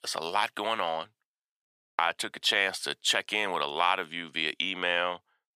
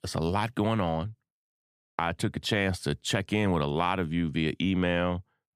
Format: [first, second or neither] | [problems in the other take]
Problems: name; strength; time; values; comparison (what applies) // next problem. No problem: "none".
second | thin; very; fading below 700 Hz